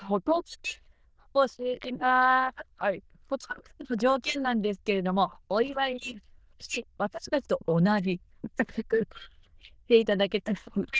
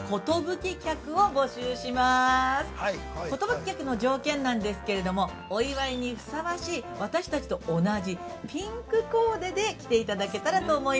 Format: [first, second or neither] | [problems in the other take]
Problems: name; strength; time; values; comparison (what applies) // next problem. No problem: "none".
second | noise reduction (neural diffusion model UNIVERSE++)